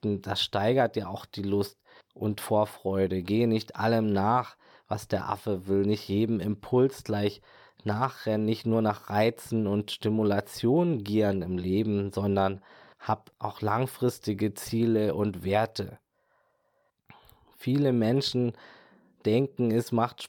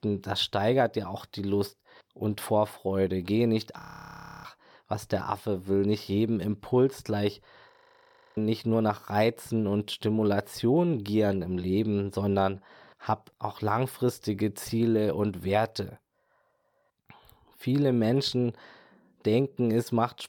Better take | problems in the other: first | audio freezing; at 4 s for 0.5 s and at 7.5 s for 0.5 s

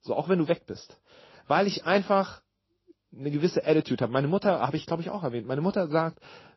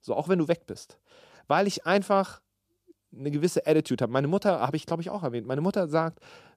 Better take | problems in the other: second | garbled, watery; slightly; nothing above 5.5 kHz

